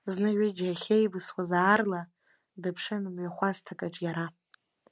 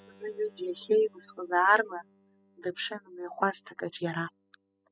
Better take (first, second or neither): first